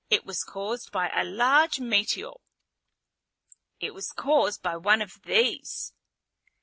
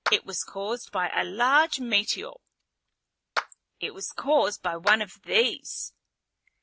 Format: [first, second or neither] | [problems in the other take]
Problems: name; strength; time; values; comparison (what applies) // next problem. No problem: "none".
first | background sound (Clapping); 9 dB below the speech